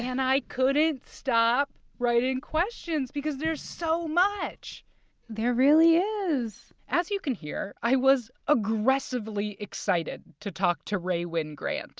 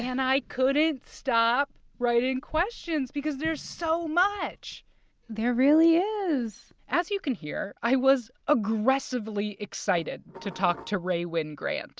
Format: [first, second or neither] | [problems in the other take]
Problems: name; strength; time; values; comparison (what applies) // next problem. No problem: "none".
first | background sound (Dishes, pots, and pans); 18 dB below the speech